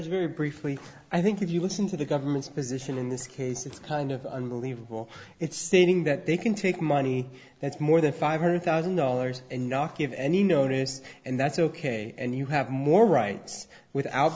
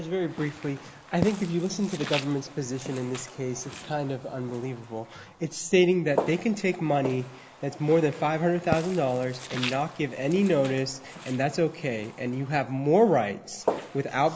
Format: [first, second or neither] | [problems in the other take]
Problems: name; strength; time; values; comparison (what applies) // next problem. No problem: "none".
first | background sound (Walk, footsteps); 11 dB below the speech